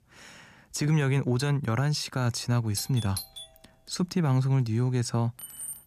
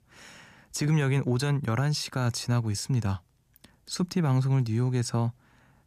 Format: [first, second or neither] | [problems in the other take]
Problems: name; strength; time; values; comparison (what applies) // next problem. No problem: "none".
second | doorbell; noticeable; at 3 s; peak 9 dB below the speech // jangling keys; noticeable; at 5.5 s; peak 9 dB below the speech